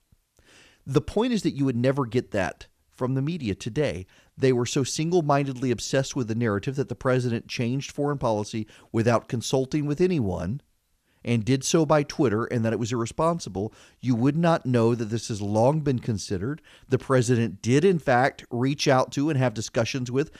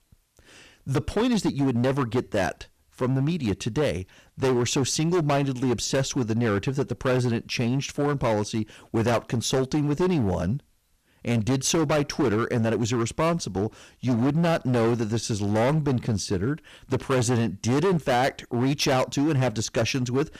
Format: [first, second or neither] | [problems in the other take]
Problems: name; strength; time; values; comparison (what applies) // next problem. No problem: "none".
first | distortion; heavy; 15% of the sound clipped